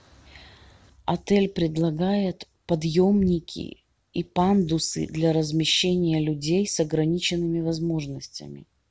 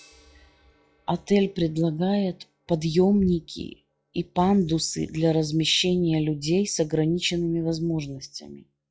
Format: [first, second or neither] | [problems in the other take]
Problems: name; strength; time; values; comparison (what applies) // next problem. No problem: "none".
first | noise reduction (classical method log-MMSE)